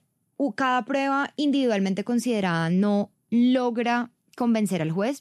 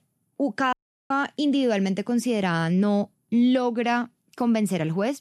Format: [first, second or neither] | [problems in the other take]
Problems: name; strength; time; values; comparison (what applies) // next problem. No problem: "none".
first | audio cutting out; at 0.5 s